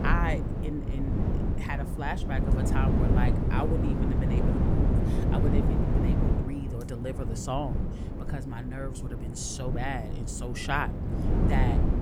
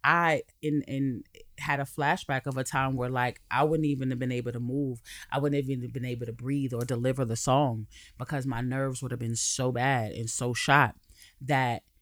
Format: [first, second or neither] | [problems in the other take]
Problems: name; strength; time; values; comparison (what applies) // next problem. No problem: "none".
second | wind noise on the microphone; heavy; 1 dB below the speech